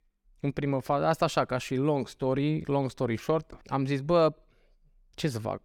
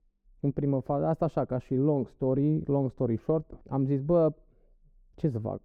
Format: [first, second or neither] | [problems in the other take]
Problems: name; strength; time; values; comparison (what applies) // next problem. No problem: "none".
first | muffled; very; fading above 1 kHz